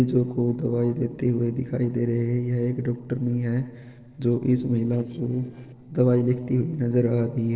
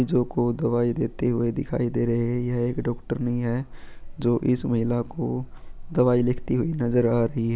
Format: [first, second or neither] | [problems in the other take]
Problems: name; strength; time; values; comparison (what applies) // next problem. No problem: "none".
second | noise reduction (neural separator model SepFormer DNS4)